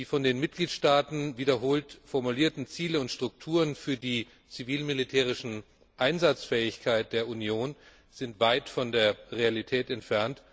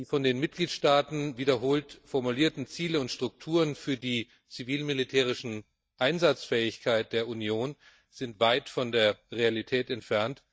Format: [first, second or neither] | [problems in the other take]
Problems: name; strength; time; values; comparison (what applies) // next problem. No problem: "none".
first | noise reduction (neural mask model DeepFilterNet 3)